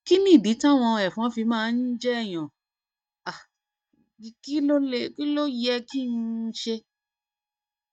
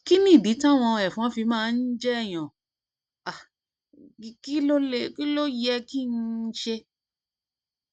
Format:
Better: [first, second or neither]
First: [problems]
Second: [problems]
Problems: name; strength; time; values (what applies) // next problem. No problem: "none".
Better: second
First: noise reduction (neural mask model DeepFilterNet 3)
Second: none